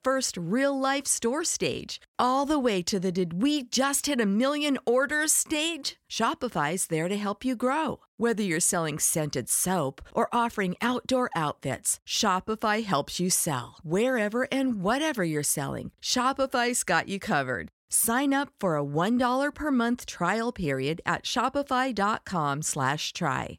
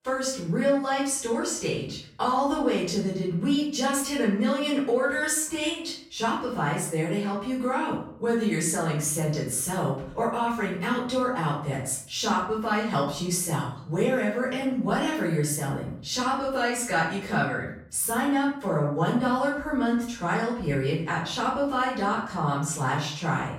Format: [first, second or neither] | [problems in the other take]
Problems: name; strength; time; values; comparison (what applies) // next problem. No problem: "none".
first | off-mic speech; far // room echo; noticeable; dies away in 0.5 s